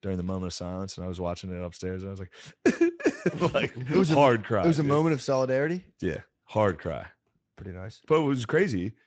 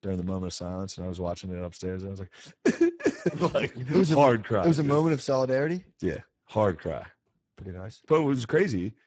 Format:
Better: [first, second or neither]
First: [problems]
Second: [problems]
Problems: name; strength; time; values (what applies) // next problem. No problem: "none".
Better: first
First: garbled, watery; slightly; nothing above 8 kHz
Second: garbled, watery; badly; nothing above 8 kHz